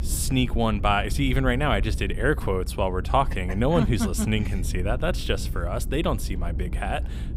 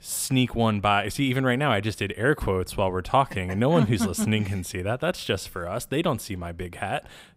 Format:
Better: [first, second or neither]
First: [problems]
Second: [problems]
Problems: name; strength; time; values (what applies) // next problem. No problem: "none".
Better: second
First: low rumble; noticeable; throughout; 20 dB below the speech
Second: none